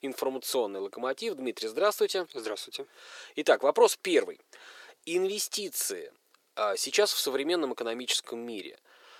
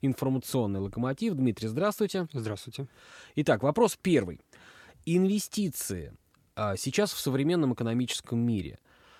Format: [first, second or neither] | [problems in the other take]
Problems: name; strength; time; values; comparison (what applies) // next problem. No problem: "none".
second | thin; very; fading below 400 Hz